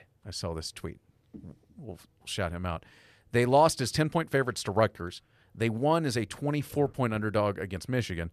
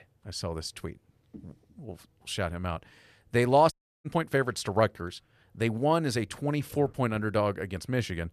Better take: first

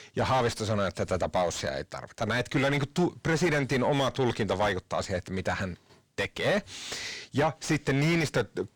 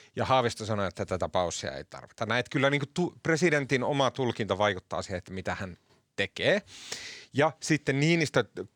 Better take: second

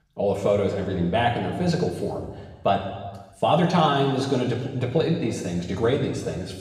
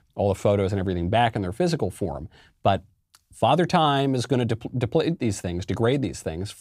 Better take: second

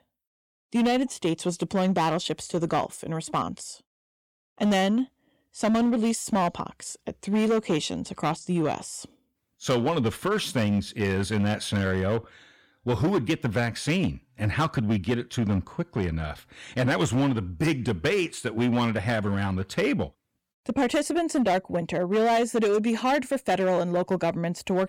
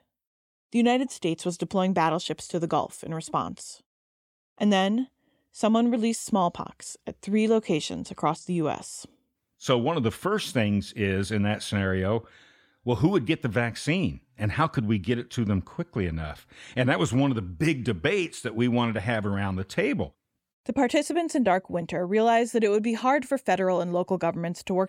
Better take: second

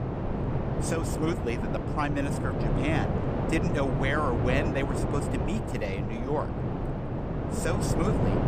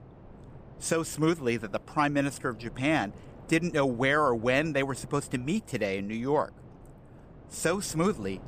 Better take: second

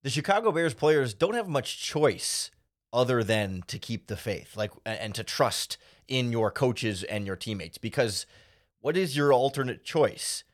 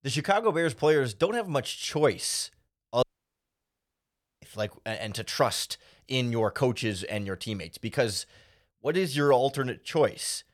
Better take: first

